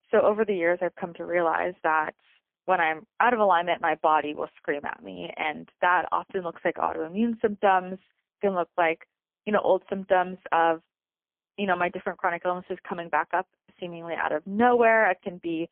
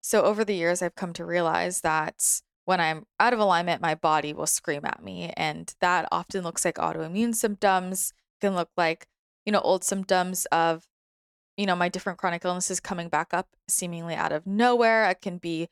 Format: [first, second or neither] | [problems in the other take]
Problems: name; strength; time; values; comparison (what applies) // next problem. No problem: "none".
second | phone-call audio; poor line; nothing above 3.5 kHz